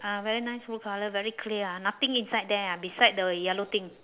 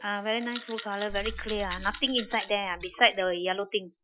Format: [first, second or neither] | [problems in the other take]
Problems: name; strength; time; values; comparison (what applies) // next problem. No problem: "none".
first | noise reduction (classical method Wiener filter)